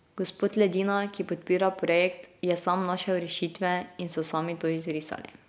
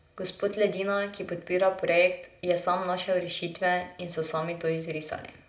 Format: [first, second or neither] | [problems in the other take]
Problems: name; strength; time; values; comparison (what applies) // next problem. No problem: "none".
first | room echo; dies away in 0.3 s